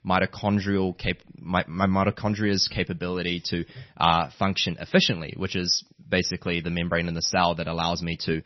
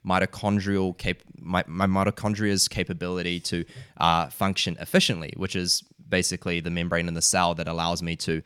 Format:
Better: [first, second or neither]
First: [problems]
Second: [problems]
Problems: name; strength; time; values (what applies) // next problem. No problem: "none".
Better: second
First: garbled, watery; slightly; nothing above 6 kHz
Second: none